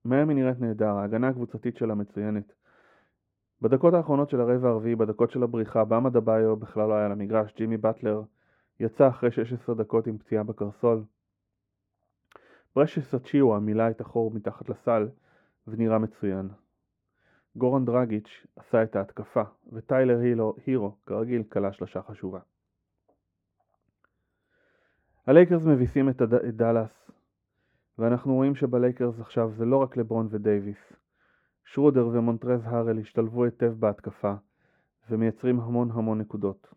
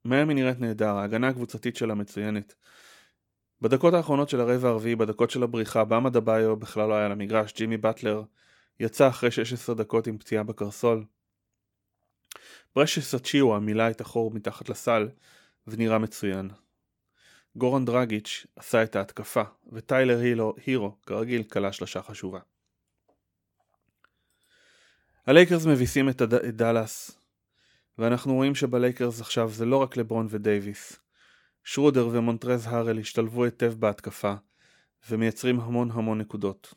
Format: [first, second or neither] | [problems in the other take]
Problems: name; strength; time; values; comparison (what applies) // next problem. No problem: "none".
second | muffled; very; fading above 2.5 kHz